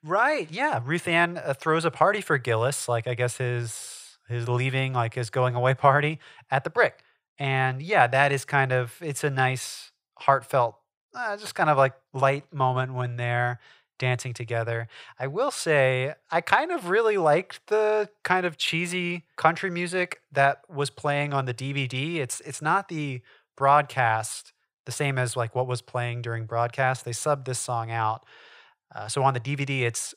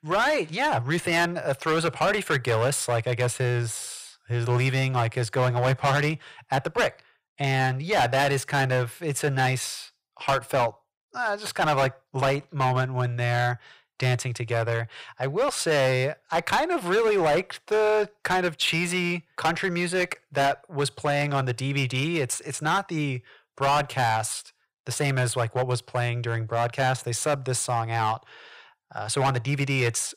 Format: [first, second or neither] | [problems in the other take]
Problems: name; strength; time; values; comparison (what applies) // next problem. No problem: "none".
first | distortion; heavy; 9% of the sound clipped